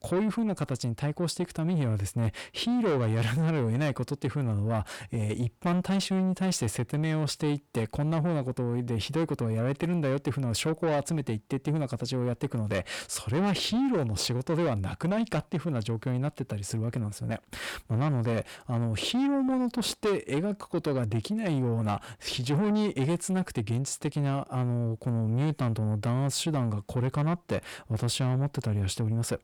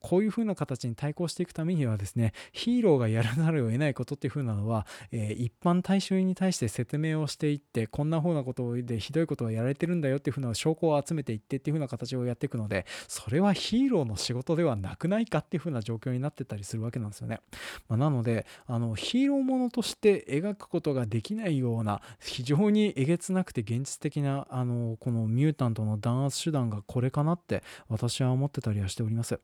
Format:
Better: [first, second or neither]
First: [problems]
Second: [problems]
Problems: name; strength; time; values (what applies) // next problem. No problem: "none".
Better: second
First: distortion; slight; 10 dB below the speech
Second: none